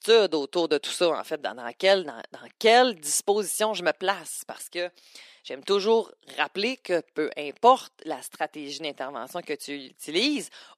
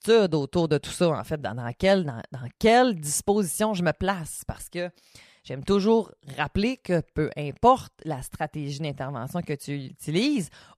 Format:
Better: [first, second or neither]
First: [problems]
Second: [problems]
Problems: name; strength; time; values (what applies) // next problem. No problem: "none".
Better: second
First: thin; somewhat; fading below 300 Hz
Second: none